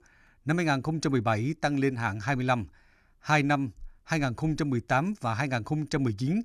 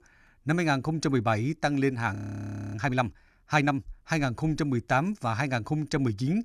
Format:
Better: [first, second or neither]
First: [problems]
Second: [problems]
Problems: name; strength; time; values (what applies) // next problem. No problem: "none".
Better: first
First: none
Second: audio freezing; at 2 s for 0.5 s